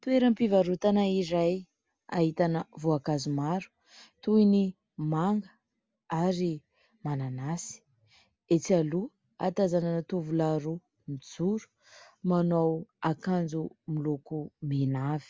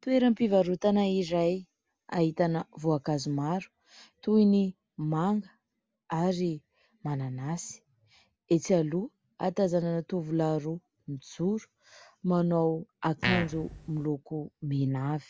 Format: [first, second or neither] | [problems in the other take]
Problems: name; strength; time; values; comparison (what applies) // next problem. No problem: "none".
first | background sound (Fart); 4 dB below the speech